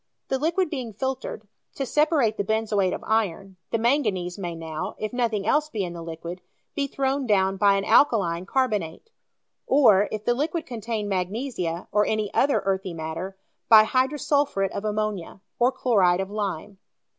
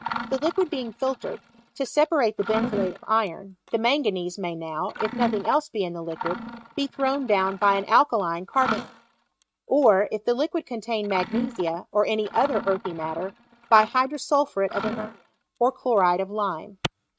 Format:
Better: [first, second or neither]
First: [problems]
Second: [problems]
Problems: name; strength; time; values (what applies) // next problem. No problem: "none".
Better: first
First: none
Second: noise reduction (neural mask model RNNoise)